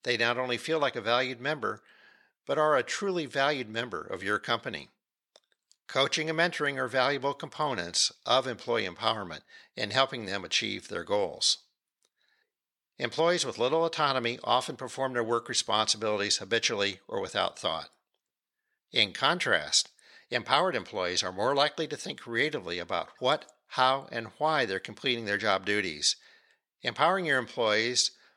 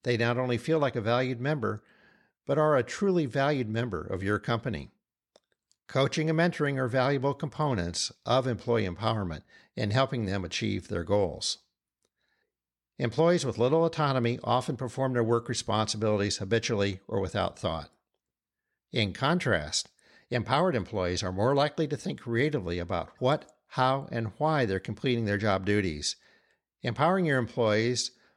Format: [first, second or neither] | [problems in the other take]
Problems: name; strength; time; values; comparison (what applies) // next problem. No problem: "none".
second | thin; somewhat; fading below 900 Hz